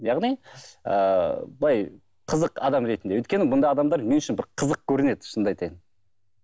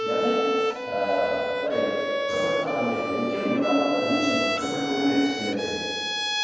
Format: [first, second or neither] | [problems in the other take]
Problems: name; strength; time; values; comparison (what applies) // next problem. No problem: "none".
first | background sound (Bowed string instrument); 2 dB below the speech // room echo; dies away in 1.9 s